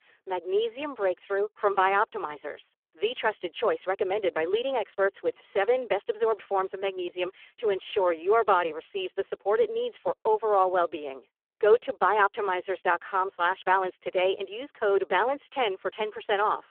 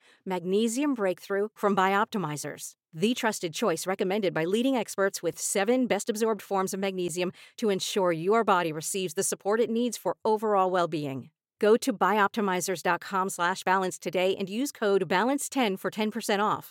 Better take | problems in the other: second | phone-call audio; poor line

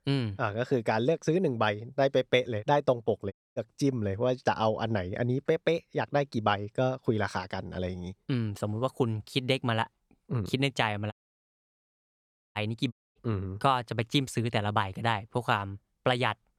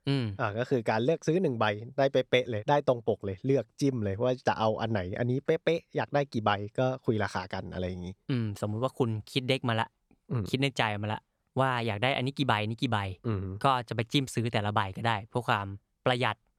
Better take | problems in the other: second | audio cutting out; at 3.5 s, at 11 s for 1.5 s and at 13 s

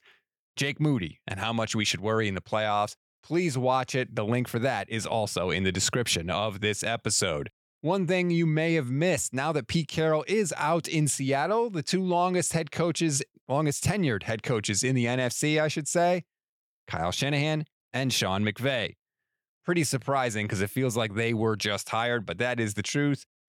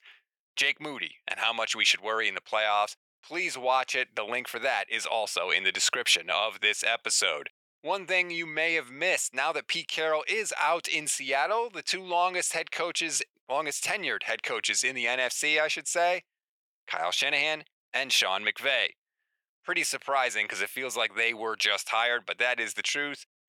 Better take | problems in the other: first | thin; very; fading below 700 Hz

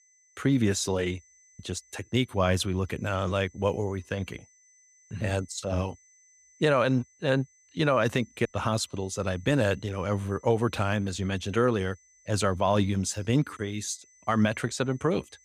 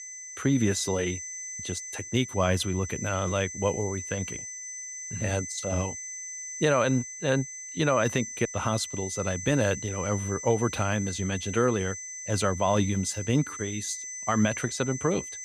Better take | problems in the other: first | high-pitched whine; loud; throughout; 6 kHz, 8 dB below the speech; faint in the first

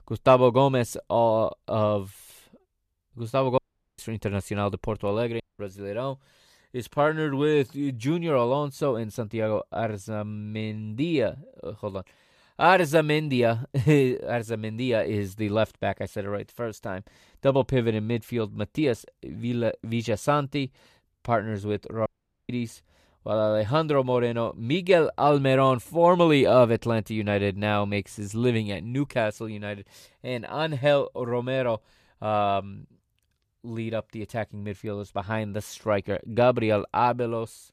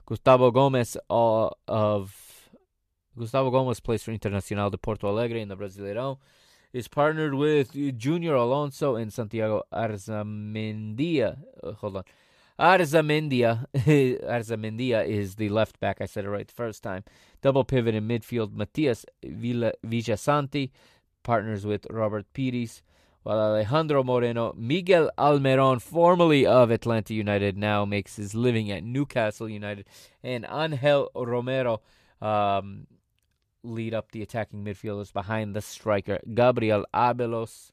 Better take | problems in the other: second | audio cutting out; at 3.5 s, at 5.5 s and at 22 s

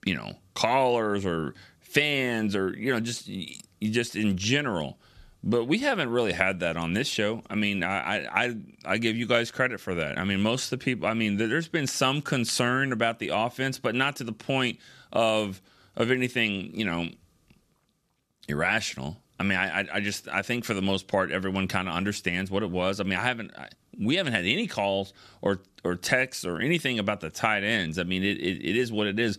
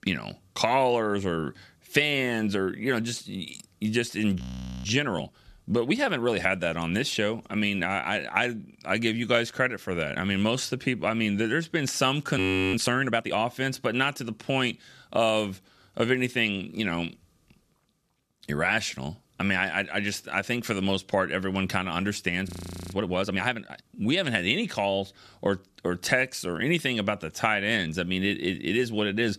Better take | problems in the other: first | audio freezing; at 4.5 s, at 12 s and at 22 s

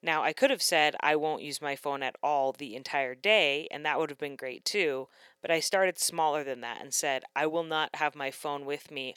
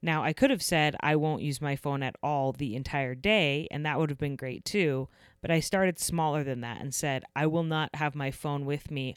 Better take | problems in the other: second | thin; somewhat; fading below 500 Hz

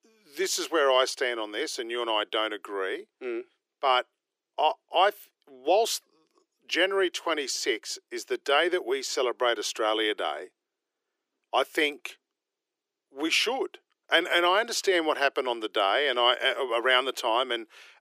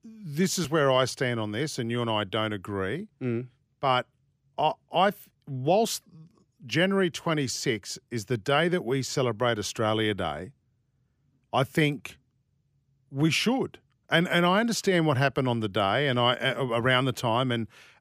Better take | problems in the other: second | thin; very; fading below 350 Hz

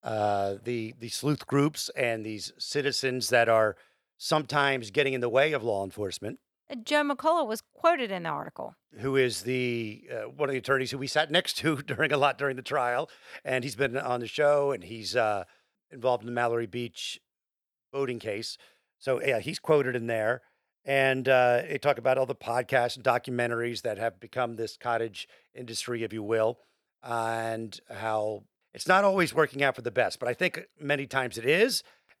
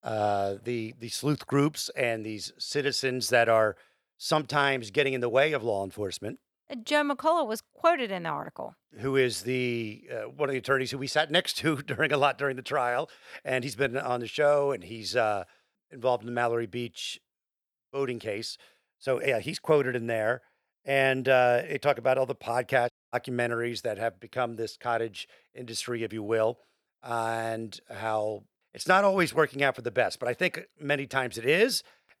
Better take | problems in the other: first | audio cutting out; at 23 s

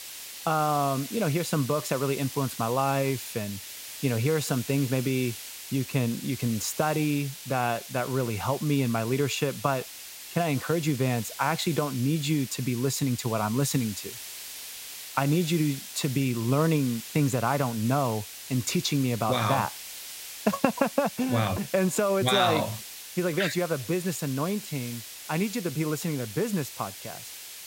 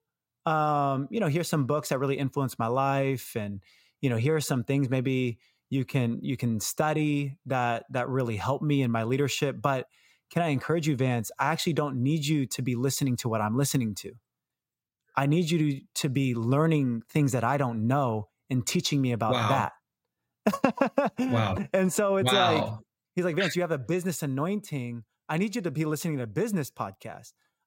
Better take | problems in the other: second | hiss; noticeable; throughout; 10 dB below the speech

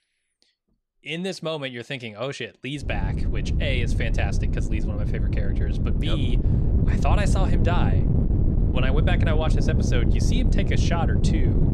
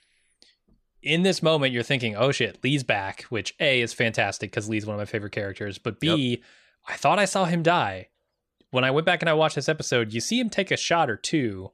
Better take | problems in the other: second | wind noise on the microphone; heavy; from 3 s on; 4 dB below the speech

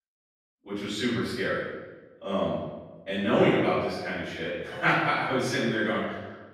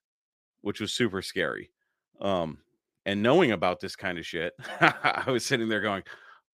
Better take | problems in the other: second | room echo; strong; dies away in 1.1 s // off-mic speech; far

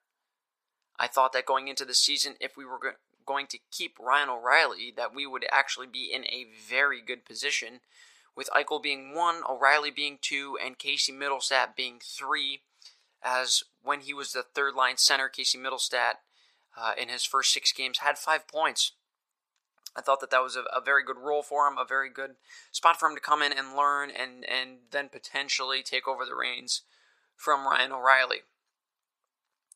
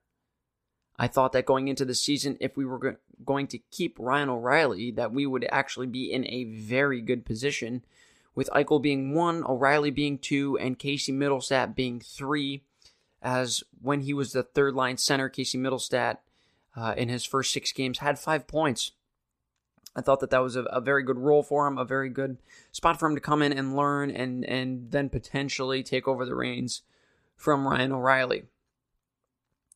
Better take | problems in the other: second | thin; very; fading below 950 Hz

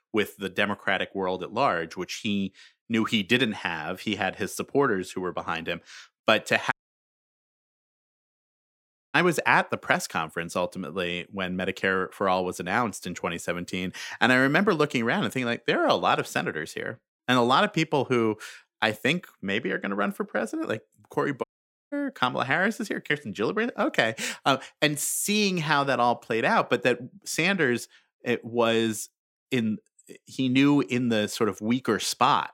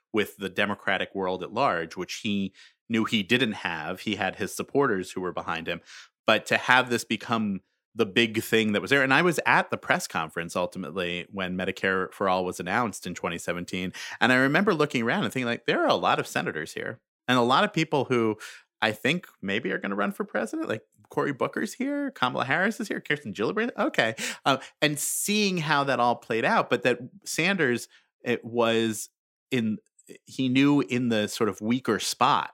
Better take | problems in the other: second | audio cutting out; at 6.5 s for 2.5 s and at 21 s

